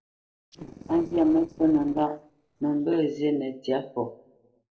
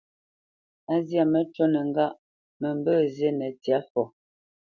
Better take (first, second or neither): second